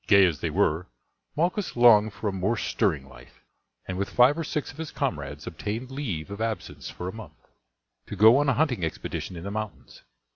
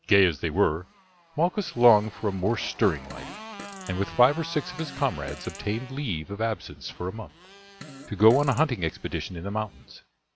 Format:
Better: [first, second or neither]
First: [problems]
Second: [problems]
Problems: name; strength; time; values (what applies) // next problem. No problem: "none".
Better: first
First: none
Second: background sound (Fart + Motorcycle); 18 dB below the speech